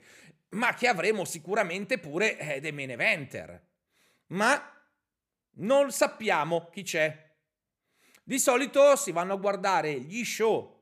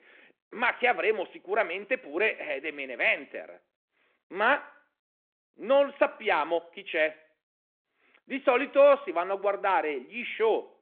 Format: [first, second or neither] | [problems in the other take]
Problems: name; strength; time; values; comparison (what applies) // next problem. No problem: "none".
first | phone-call audio